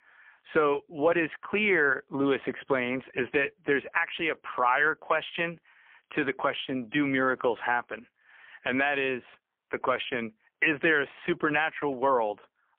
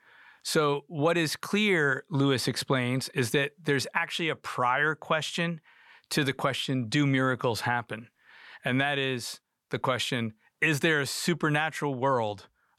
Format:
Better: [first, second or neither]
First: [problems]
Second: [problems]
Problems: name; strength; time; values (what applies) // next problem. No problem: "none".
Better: second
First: phone-call audio; poor line; nothing above 3 kHz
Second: none